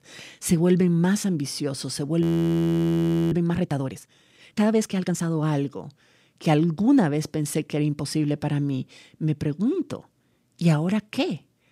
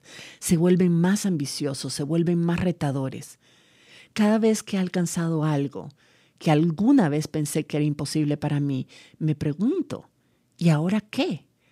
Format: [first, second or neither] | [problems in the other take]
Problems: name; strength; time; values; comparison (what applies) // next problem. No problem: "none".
second | audio freezing; at 2 s for 1 s